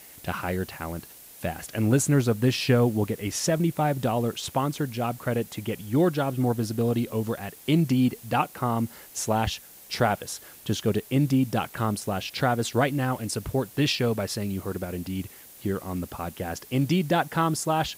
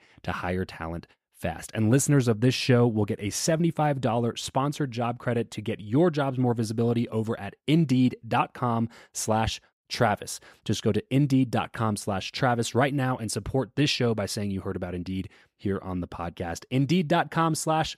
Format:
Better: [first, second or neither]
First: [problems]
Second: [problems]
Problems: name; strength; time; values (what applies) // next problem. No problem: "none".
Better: second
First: hiss; noticeable; throughout; 20 dB below the speech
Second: none